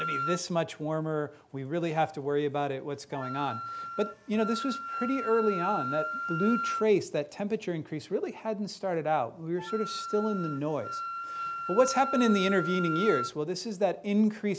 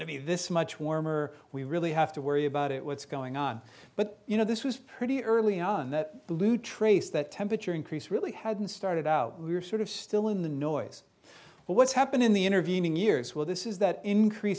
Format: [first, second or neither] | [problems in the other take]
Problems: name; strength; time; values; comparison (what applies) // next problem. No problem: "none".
second | background sound (Wind instrument, woodwind instrument); 8 dB below the speech